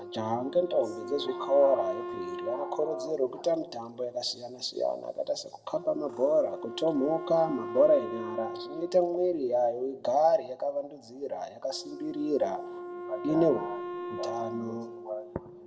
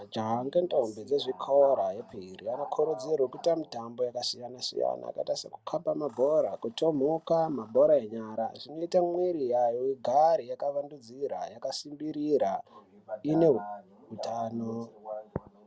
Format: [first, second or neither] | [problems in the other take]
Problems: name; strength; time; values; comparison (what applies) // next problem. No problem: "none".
second | background sound (Wind instrument, woodwind instrument); 11 dB below the speech // room echo; dies away in 2.1 s